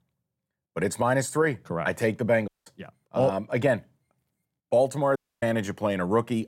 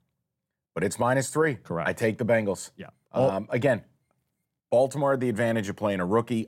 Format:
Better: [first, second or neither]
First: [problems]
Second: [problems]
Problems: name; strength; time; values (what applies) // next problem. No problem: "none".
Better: second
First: audio cutting out; at 2.5 s and at 5 s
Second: none